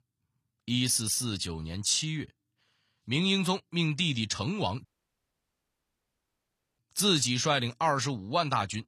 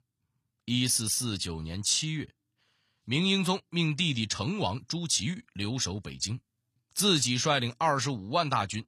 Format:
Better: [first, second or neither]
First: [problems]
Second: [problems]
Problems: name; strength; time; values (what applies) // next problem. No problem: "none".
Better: second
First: audio cutting out; at 5 s for 2 s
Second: none